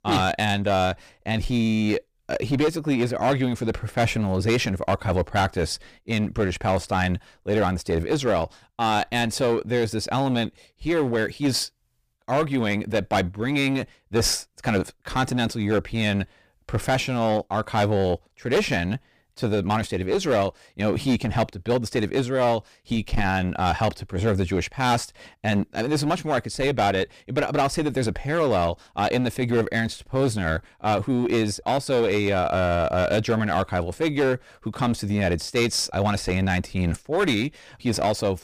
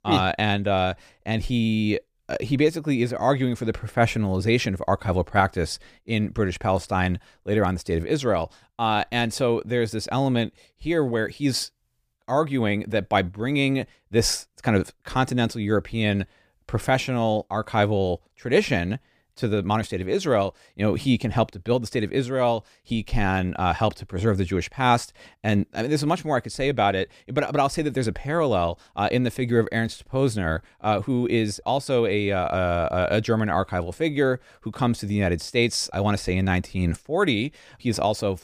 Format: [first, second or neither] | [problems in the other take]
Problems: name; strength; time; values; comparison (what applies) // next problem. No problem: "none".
second | distortion; slight; 10% of the sound clipped